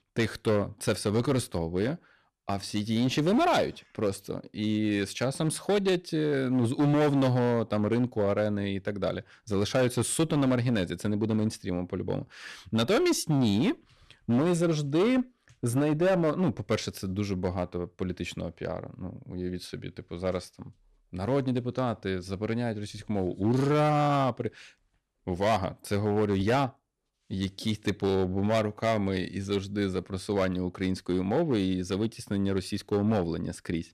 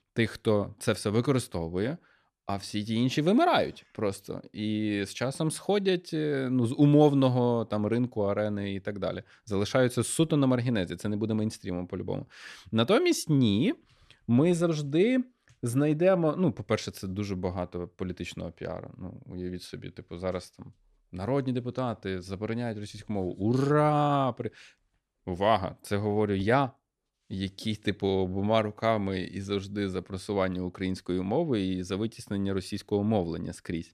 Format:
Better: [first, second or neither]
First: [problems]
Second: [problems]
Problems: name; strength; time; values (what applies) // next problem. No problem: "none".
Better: second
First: distortion; slight; 8% of the sound clipped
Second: none